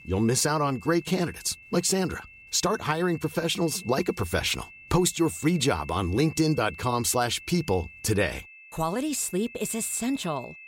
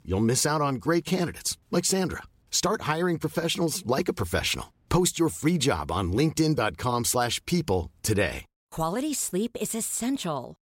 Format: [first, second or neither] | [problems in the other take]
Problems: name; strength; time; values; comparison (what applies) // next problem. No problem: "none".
second | high-pitched whine; noticeable; throughout; 2.5 kHz, 20 dB below the speech